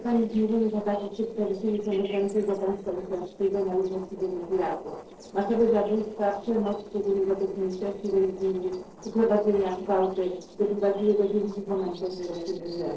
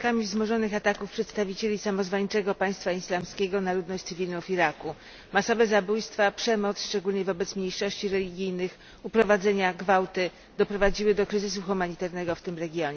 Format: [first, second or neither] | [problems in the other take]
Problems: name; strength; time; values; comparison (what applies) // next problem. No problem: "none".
second | noise reduction (neural separator model SepFormer DNS4)